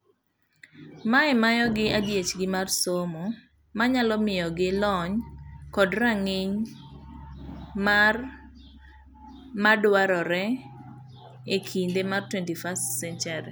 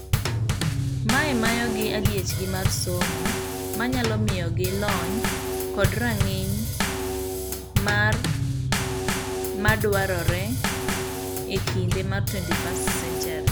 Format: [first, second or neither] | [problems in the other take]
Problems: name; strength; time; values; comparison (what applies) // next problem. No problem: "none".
first | background sound (Bass drum / Snare drum / Drum kit); 3 dB above the speech